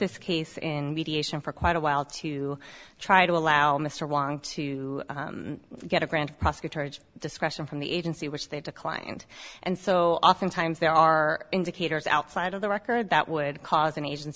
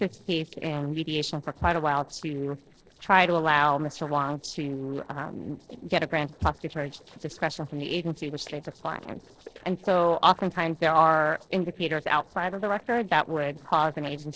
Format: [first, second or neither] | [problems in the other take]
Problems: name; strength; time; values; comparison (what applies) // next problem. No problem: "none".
first | noise reduction (neural separator model SepFormer DNS4)